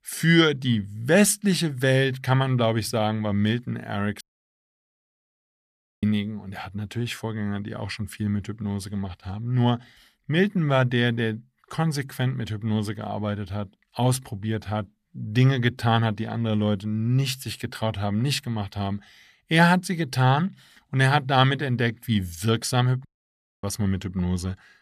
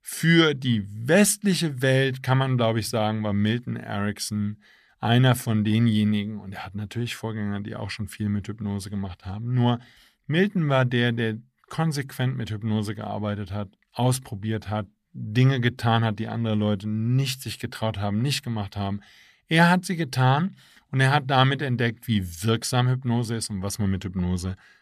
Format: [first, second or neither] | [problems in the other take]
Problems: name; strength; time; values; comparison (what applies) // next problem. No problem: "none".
second | audio cutting out; at 4 s for 2 s and at 23 s for 0.5 s